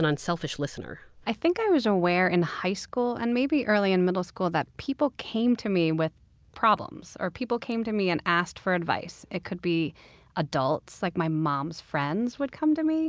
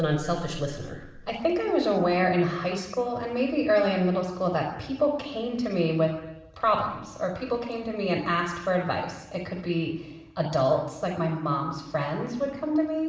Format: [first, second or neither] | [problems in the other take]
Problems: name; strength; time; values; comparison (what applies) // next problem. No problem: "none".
first | room echo; dies away in 0.9 s